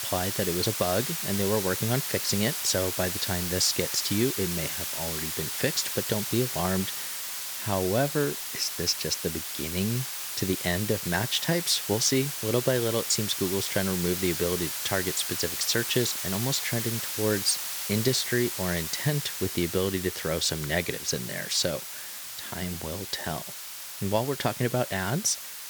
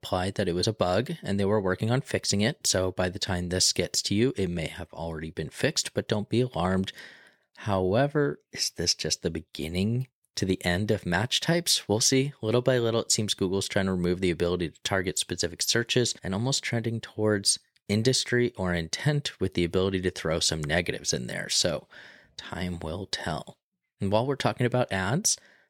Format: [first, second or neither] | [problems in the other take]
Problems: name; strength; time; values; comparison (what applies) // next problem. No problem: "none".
second | hiss; loud; throughout; 3 dB below the speech